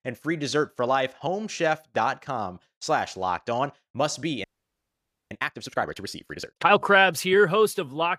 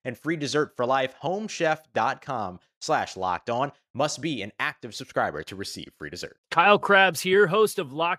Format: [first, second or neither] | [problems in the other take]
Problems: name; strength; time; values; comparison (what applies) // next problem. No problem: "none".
second | audio freezing; at 4.5 s for 1 s